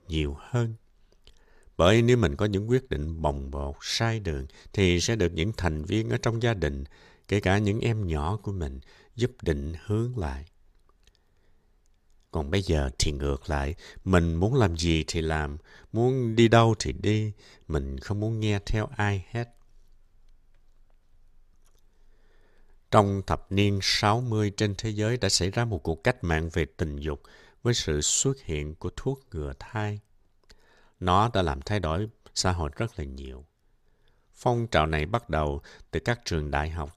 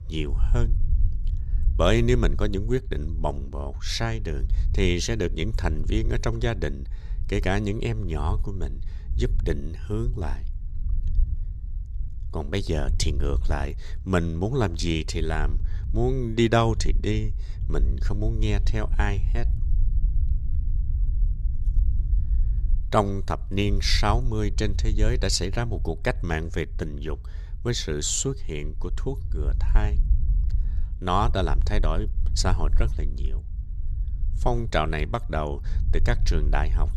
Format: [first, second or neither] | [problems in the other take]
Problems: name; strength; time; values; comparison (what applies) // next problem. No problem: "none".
first | low rumble; faint; throughout; 20 dB below the speech